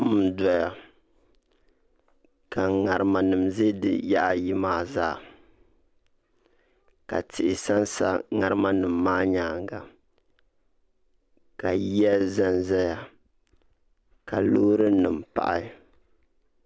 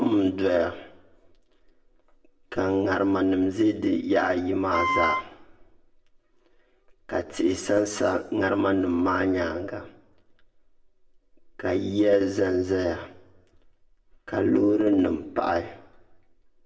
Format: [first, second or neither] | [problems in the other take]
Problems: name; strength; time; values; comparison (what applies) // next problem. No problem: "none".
first | background sound (Wind instrument, woodwind instrument); as loud as the speech // room echo; dies away in 0.7 s